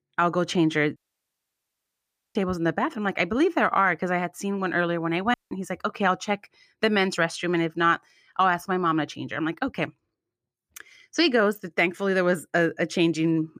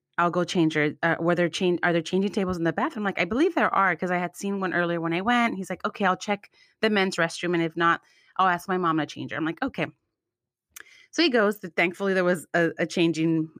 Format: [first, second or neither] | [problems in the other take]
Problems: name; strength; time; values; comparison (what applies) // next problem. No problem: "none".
second | audio cutting out; at 1 s for 1.5 s and at 5.5 s